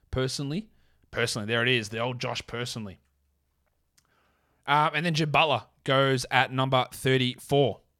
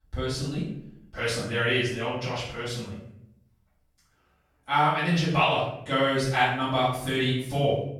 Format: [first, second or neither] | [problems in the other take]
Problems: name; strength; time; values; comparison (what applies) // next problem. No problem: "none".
first | room echo; noticeable; dies away in 0.6 s // off-mic speech; far